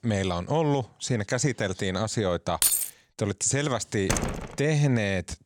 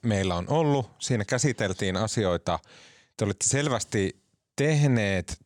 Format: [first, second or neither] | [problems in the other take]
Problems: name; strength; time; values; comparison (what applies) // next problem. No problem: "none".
second | jangling keys; loud; at 2.5 s; peak 5 dB above the speech // door banging; noticeable; at 4 s; peak 1 dB below the speech